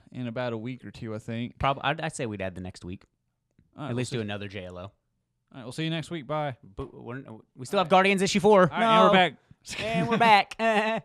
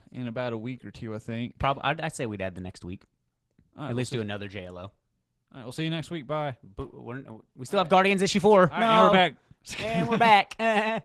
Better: first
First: none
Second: garbled, watery; slightly; nothing above 14 kHz

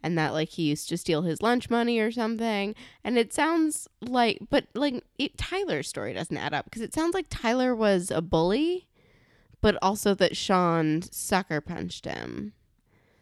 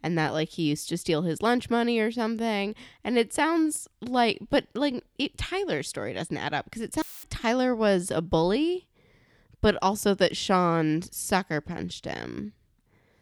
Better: first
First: none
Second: audio cutting out; filled with static; at 7 s

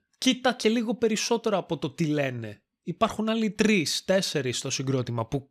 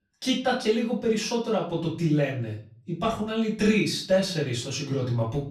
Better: first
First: none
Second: off-mic speech; far // room echo; slight; dies away in 0.4 s

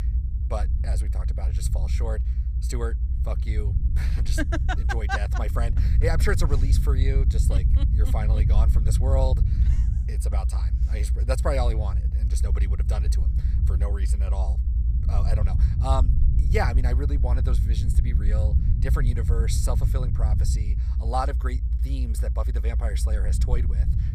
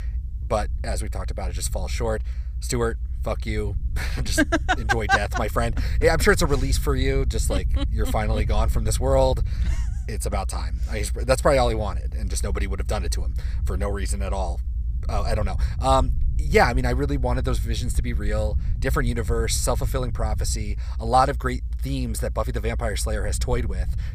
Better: second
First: low rumble; loud; throughout; 8 dB below the speech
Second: low rumble; faint; throughout; 20 dB below the speech

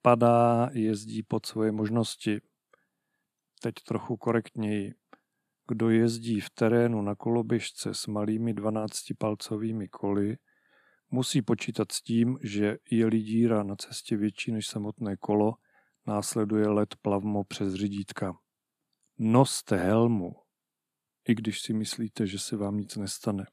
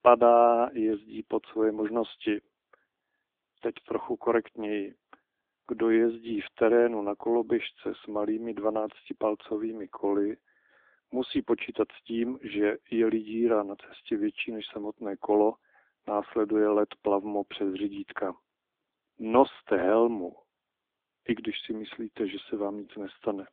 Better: first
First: none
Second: phone-call audio

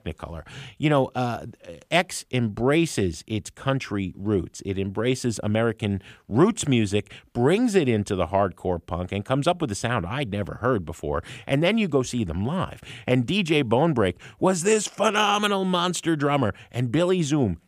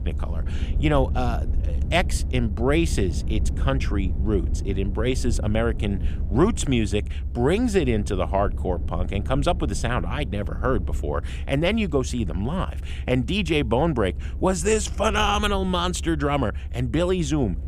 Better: first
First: none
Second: low rumble; noticeable; throughout; 20 dB below the speech

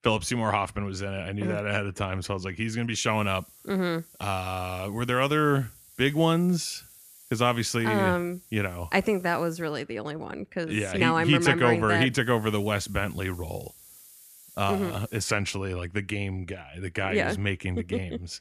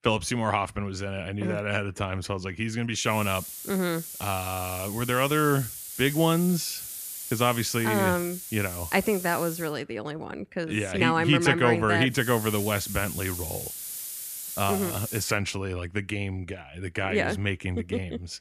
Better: first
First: hiss; faint; from 3 to 9.5 s and from 12 to 15 s; 25 dB below the speech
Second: hiss; loud; from 3 to 9.5 s and from 12 to 15 s; 8 dB below the speech

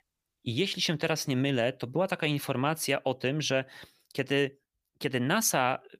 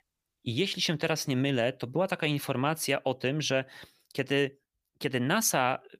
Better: neither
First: none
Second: none

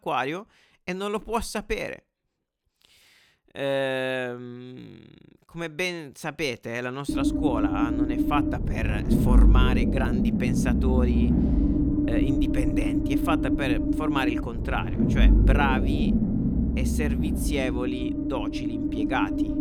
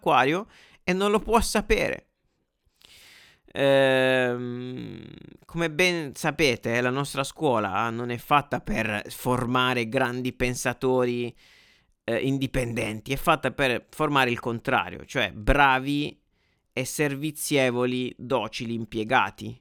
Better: second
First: low rumble; loud; from 7 s on; 1 dB below the speech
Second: none

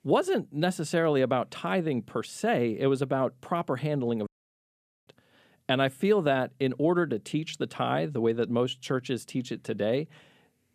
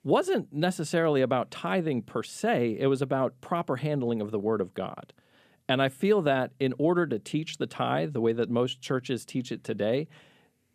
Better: second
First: audio cutting out; at 4.5 s for 1 s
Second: none

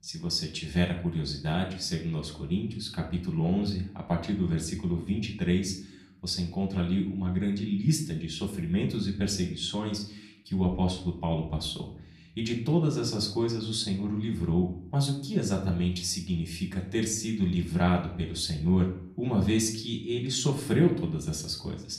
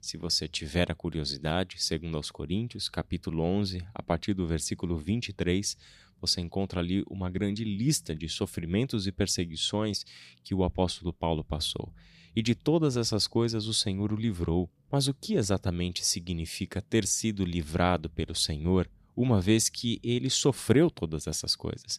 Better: second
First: room echo; slight; dies away in 0.5 s // off-mic speech; far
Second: none

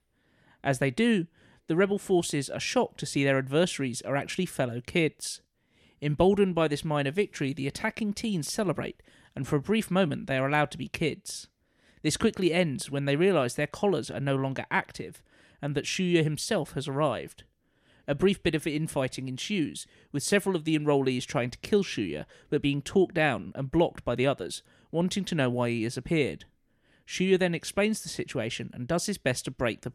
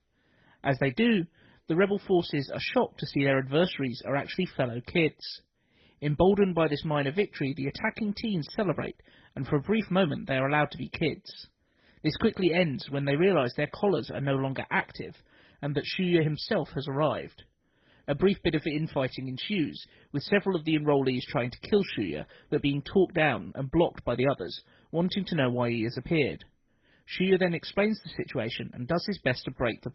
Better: first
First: none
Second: garbled, watery; badly; nothing above 5.5 kHz

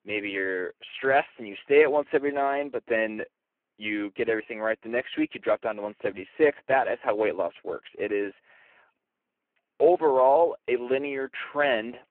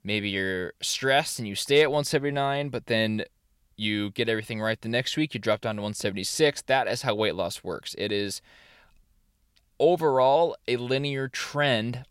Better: second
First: phone-call audio; poor line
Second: none

